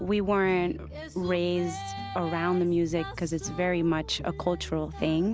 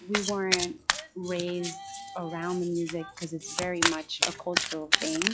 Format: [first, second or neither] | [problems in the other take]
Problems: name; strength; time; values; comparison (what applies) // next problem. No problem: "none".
first | noise reduction (classical method log-MMSE)